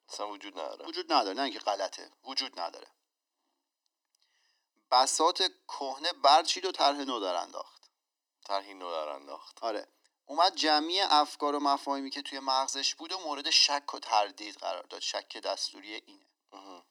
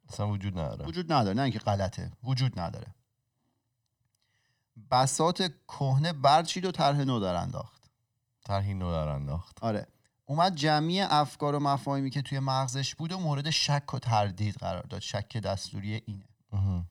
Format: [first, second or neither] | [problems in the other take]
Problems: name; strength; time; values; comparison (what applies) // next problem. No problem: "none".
second | thin; somewhat; fading below 300 Hz